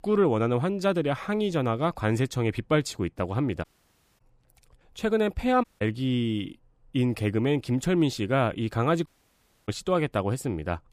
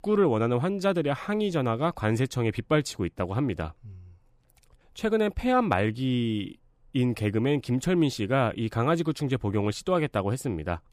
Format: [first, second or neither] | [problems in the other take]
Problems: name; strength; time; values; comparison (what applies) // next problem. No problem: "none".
second | audio cutting out; at 3.5 s for 0.5 s, at 5.5 s and at 9 s for 0.5 s